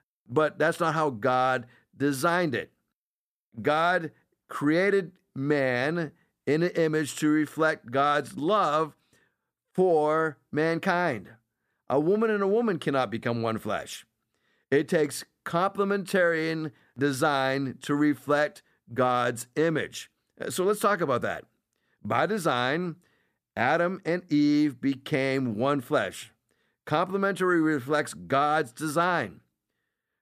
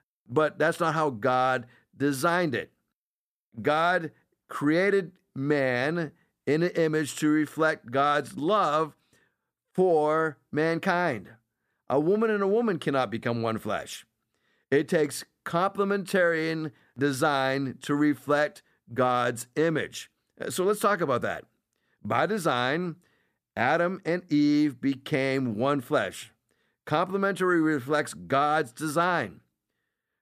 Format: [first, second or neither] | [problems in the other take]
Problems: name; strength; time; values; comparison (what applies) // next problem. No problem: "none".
neither | none